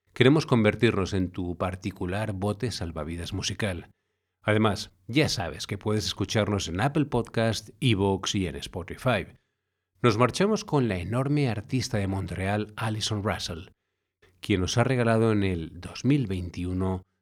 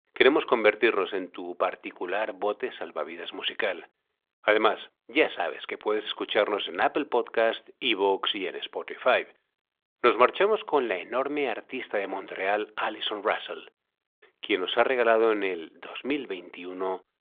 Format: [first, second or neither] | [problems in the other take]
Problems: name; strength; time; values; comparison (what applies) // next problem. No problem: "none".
first | phone-call audio; nothing above 3.5 kHz